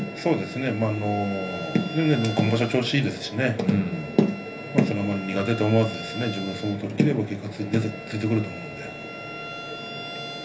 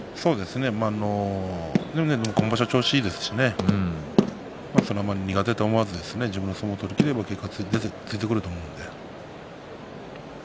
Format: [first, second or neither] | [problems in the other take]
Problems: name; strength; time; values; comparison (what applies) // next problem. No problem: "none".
second | background sound (Bowed string instrument); 14 dB below the speech // room echo; dies away in 0.3 s